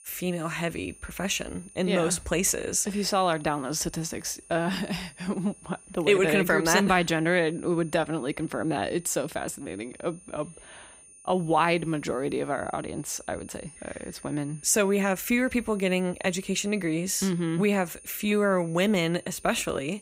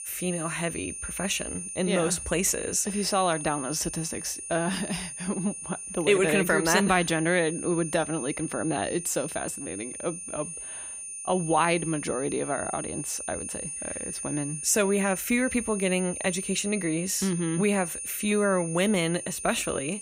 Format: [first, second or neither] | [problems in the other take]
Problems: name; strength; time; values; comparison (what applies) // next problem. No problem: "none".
first | high-pitched whine; loud; throughout; 9 kHz, 7 dB below the speech; faint in the first